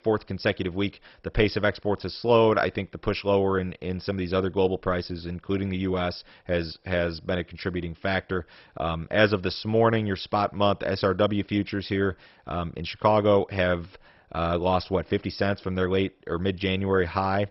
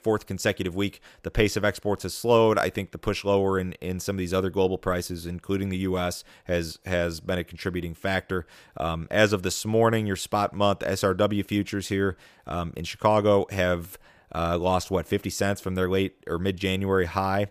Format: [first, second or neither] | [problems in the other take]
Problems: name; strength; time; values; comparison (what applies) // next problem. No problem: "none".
second | garbled, watery; badly; nothing above 5.5 kHz